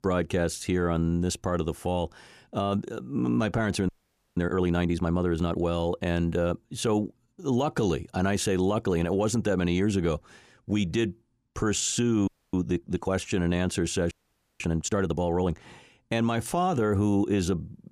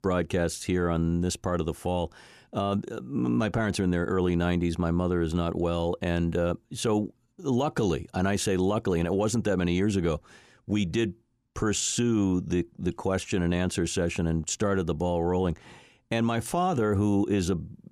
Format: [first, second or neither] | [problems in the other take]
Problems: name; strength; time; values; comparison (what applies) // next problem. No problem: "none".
second | audio freezing; at 4 s, at 12 s and at 14 s